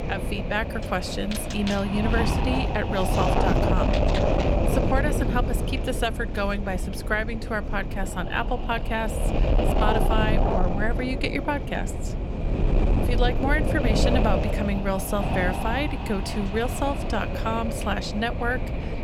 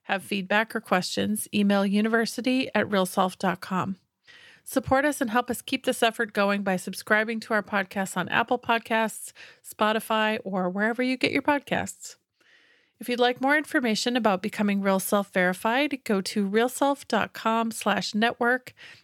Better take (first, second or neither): second